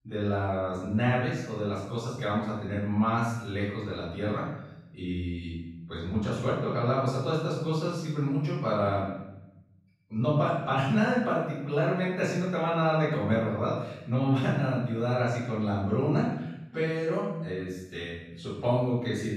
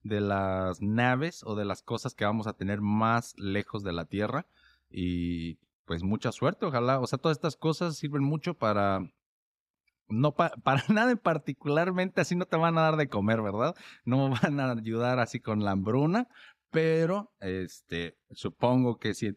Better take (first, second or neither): second